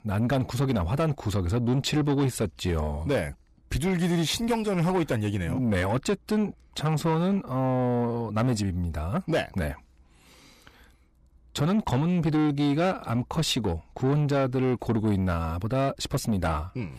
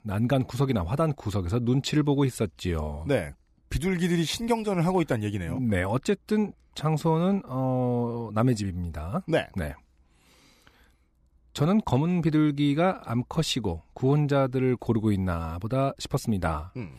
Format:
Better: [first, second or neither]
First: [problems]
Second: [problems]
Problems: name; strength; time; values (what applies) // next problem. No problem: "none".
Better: second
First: distortion; slight; 10 dB below the speech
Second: none